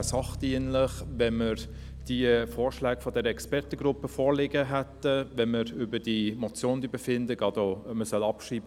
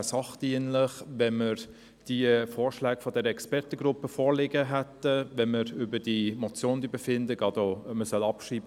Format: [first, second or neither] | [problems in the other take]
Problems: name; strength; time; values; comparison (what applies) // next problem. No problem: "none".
second | background sound (Bass guitar); 14 dB below the speech